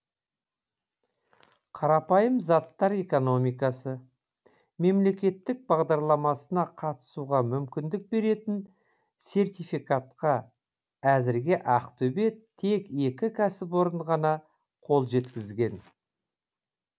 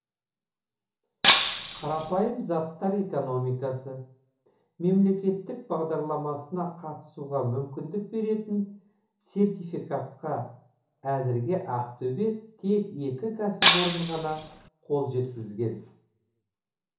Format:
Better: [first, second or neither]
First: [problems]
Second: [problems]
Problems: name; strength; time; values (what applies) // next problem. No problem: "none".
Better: first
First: none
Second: background sound (Shatter); 5 dB above the speech // room echo; dies away in 0.8 s